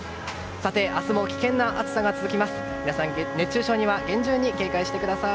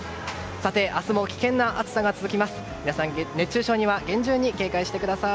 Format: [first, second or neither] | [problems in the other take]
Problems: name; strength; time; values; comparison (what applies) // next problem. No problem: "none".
second | background sound (Wind instrument, woodwind instrument); 7 dB below the speech